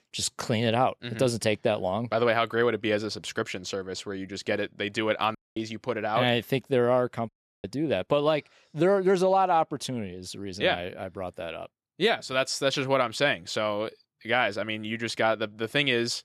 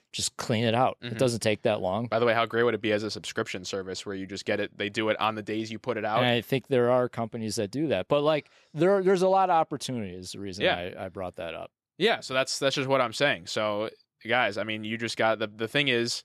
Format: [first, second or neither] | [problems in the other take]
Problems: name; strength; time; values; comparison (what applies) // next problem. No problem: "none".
second | audio cutting out; at 5.5 s and at 7.5 s